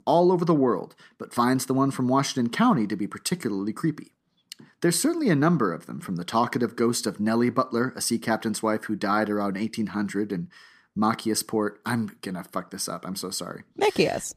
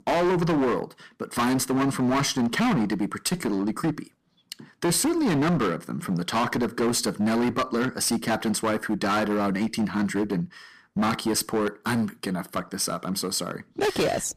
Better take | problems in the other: first | distortion; heavy; 17% of the sound clipped

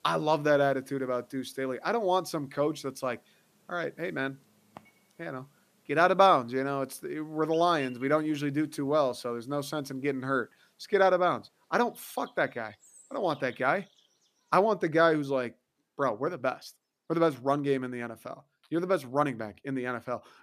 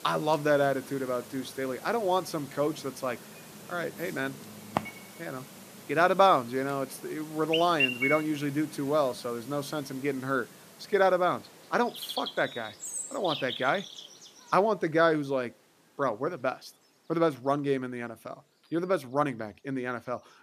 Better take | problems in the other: first | animal sounds; loud; throughout; 9 dB below the speech; faint in the first

